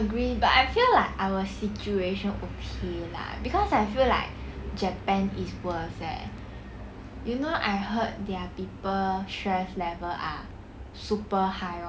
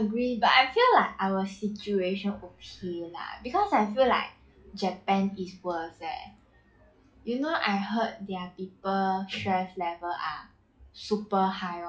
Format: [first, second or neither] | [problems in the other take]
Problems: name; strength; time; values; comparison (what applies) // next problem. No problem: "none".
first | noise reduction (classical method log-MMSE)